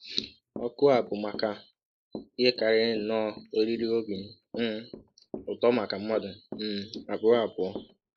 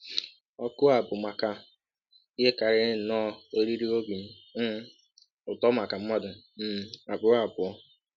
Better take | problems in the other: second | noise reduction (neural mask model Resemble Enhance denoiser)

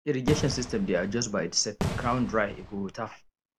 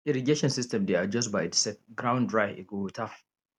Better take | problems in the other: second | background sound (Fireworks); 7 dB below the speech

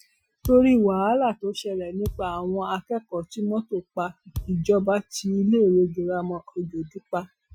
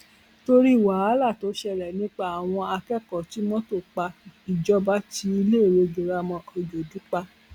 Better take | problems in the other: second | noise reduction (classical method Wiener filter)

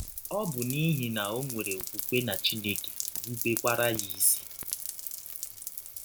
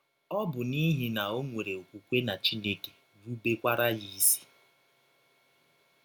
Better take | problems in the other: second | background sound (Rain); 5 dB below the speech

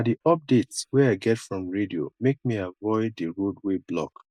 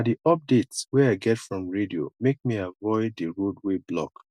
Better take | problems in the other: second | noise reduction (neural mask model Resemble Enhance denoiser)

